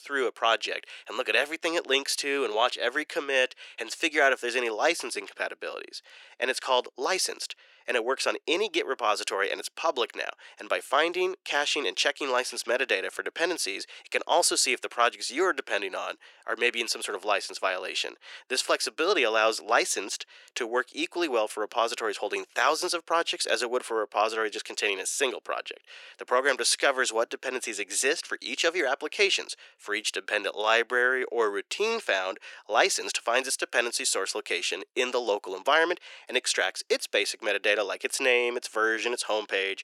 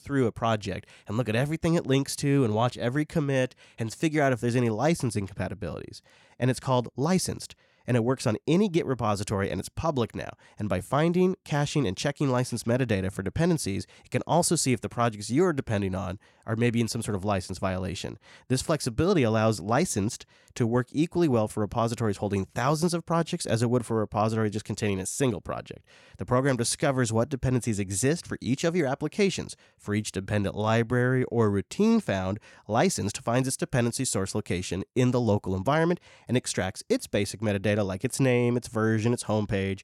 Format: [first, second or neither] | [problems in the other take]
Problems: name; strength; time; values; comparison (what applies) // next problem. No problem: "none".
second | thin; very; fading below 350 Hz